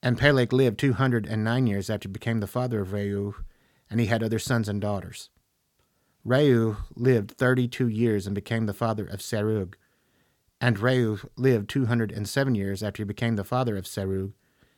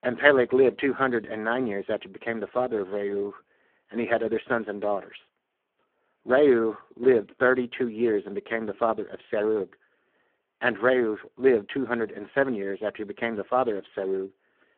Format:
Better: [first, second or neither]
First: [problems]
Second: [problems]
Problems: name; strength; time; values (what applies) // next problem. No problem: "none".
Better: first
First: none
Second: phone-call audio; poor line